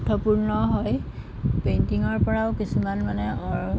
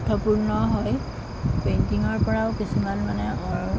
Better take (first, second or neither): first